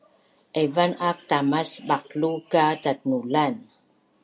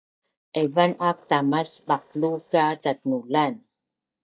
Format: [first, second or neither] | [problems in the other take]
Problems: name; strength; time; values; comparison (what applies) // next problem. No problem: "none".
first | noise reduction (neural mask model DeepFilterNet 3)